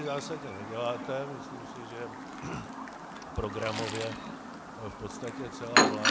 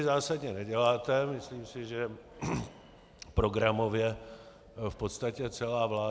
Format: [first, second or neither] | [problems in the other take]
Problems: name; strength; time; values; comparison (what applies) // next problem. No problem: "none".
second | background sound (Chirp, tweet); 4 dB above the speech